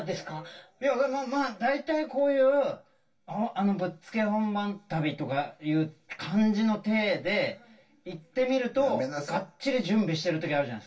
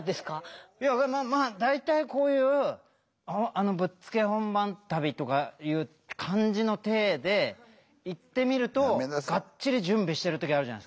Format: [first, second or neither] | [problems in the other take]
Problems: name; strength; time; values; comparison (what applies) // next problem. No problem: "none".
second | room echo; dies away in 0.2 s